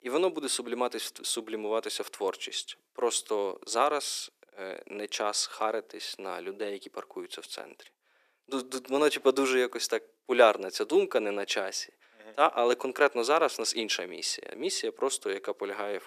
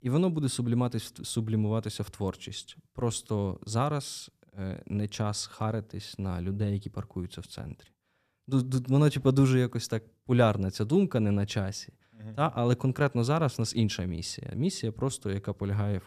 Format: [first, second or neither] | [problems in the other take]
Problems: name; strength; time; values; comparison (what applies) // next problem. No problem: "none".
second | thin; very; fading below 350 Hz